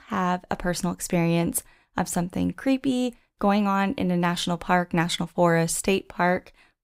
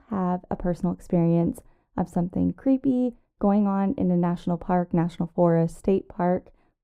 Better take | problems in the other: first | muffled; very; fading above 1.5 kHz

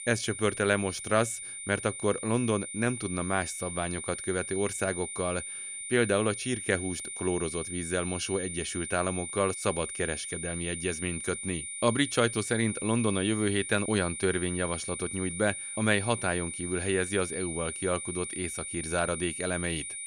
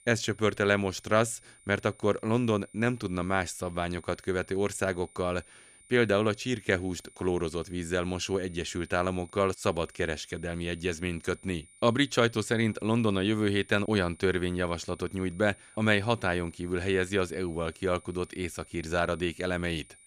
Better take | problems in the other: second | high-pitched whine; loud; throughout; 9 kHz, 5 dB below the speech; faint in the second

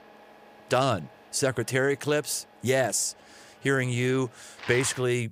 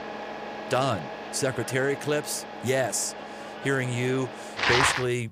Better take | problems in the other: first | traffic noise; loud; throughout; 4 dB below the speech; faint in the first

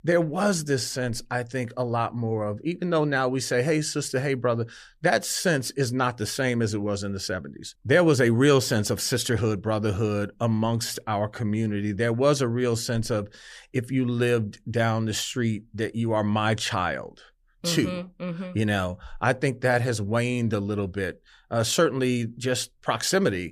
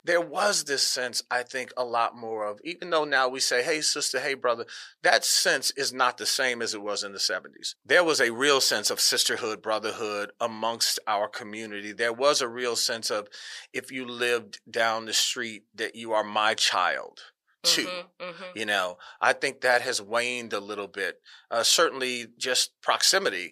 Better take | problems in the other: first | thin; very; fading below 600 Hz

